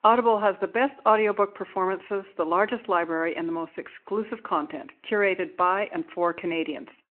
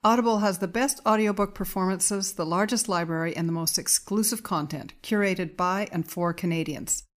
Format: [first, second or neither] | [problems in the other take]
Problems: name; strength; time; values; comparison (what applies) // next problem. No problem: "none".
second | phone-call audio